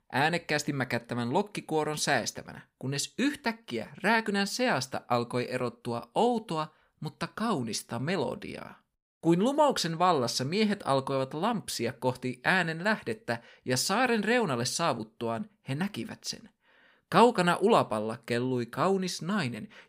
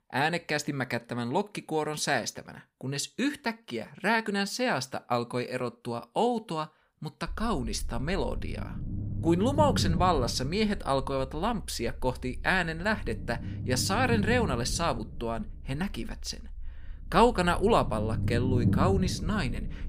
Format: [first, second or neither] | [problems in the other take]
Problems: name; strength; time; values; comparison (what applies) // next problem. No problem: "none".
first | low rumble; noticeable; from 7.5 s on; 15 dB below the speech